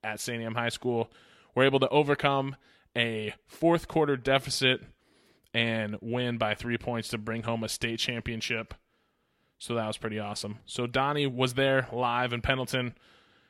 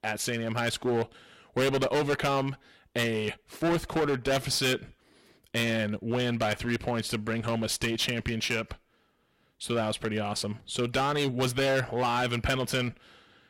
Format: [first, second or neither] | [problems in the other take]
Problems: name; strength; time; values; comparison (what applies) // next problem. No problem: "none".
first | distortion; heavy; 11% of the sound clipped